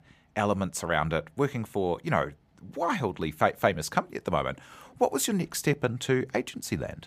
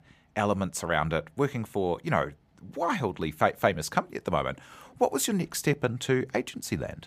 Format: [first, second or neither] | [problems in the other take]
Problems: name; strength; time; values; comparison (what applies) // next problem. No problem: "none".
neither | none